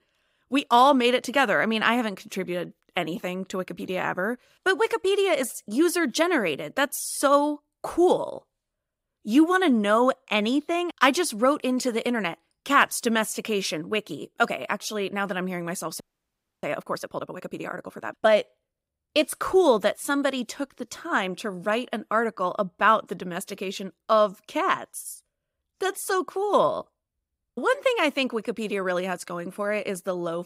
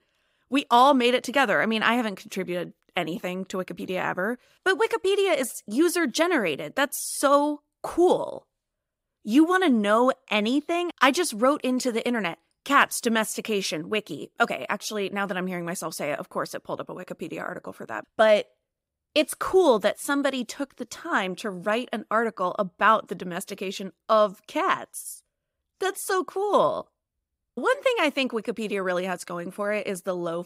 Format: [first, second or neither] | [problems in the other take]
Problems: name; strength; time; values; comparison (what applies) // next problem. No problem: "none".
second | audio freezing; at 16 s for 0.5 s